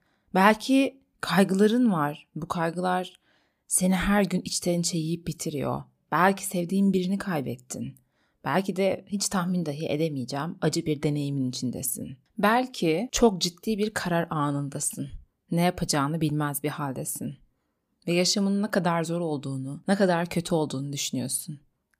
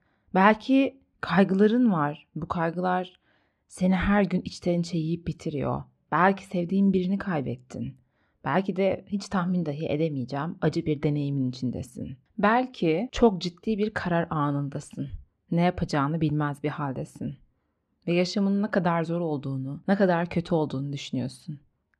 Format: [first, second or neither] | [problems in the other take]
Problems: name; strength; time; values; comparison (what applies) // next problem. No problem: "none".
first | muffled; slightly; fading above 3 kHz